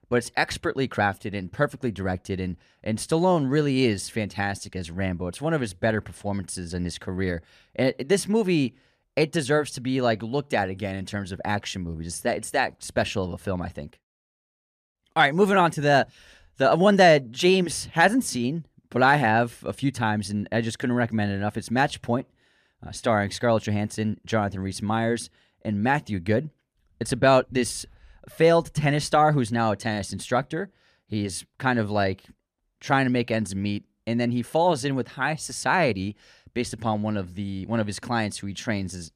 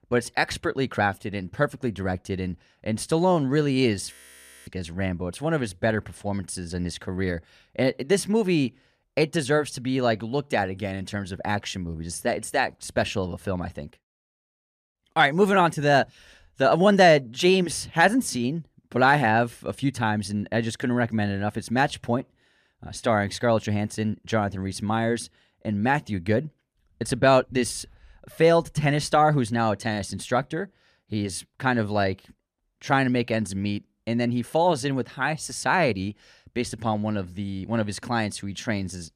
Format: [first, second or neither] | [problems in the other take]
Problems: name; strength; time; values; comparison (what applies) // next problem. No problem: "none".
first | audio freezing; at 4 s for 0.5 s